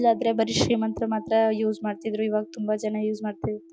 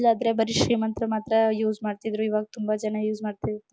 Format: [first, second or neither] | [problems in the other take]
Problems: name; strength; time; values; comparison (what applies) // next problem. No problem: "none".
second | background sound (Piano); 17 dB below the speech